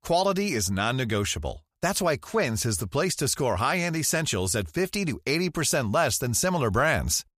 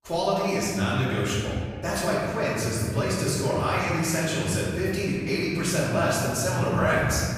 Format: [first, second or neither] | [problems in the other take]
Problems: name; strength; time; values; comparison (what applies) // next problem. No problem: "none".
first | off-mic speech; far // room echo; strong; dies away in 2.2 s